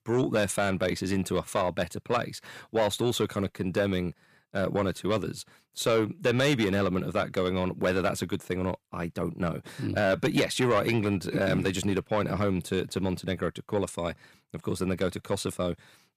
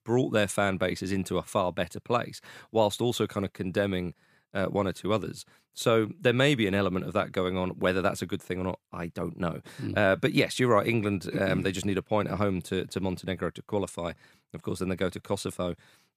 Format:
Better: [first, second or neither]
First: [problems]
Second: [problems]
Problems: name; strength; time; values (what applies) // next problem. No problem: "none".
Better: second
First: distortion; slight; 10 dB below the speech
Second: none